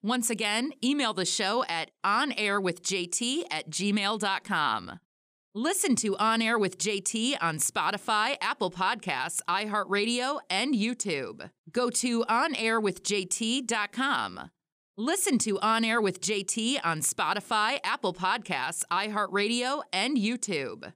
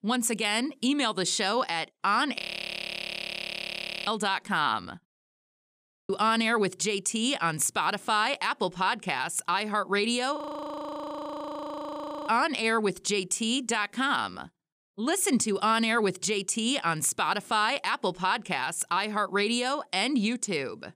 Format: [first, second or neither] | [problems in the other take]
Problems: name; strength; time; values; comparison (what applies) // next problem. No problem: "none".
first | audio freezing; at 2.5 s for 1.5 s, at 5.5 s for 1 s and at 10 s for 2 s